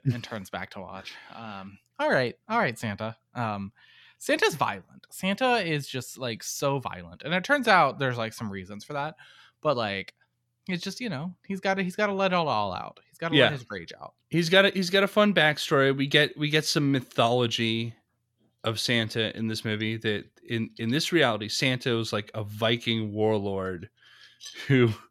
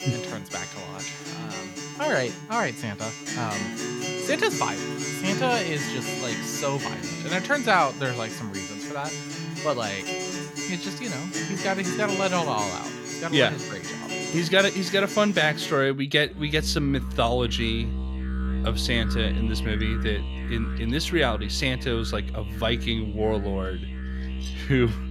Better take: first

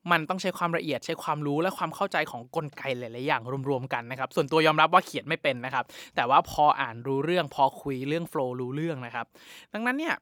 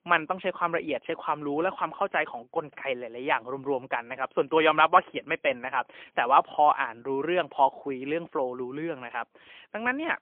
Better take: first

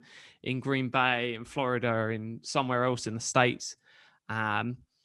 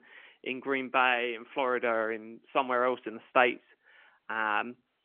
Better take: first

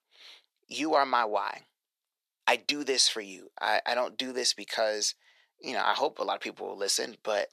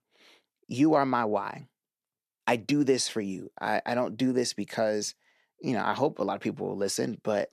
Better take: second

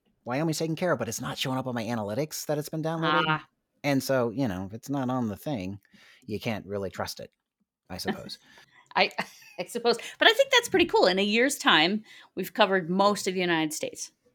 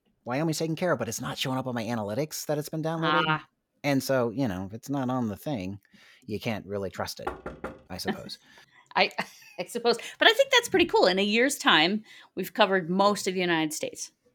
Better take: first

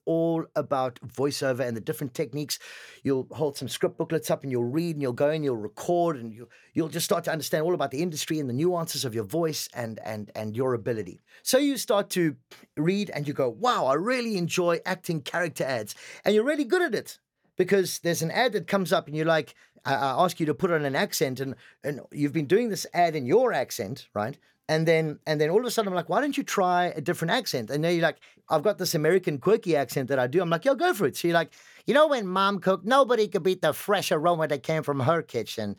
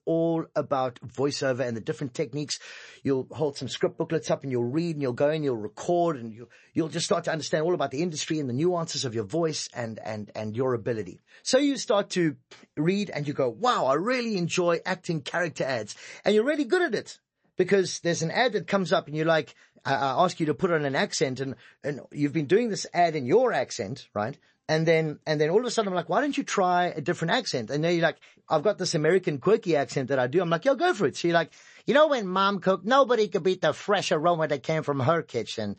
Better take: first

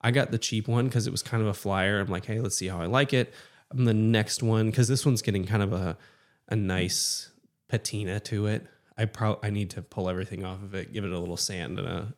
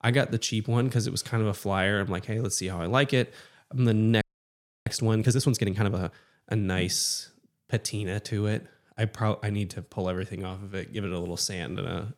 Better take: first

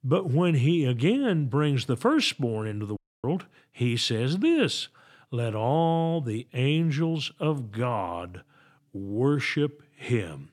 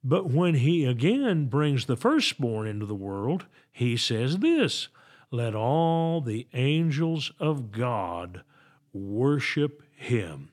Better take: second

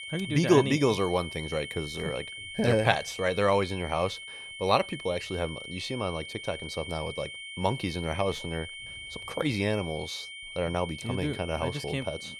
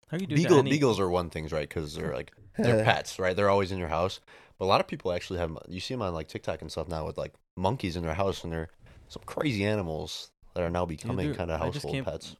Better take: second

